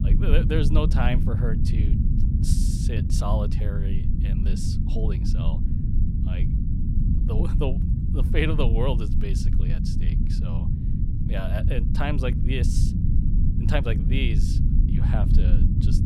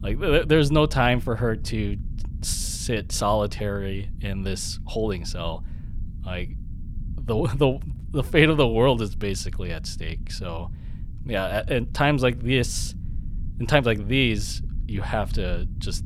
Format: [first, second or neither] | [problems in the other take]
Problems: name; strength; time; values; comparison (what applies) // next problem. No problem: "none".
second | low rumble; loud; throughout; 4 dB below the speech; faint in the second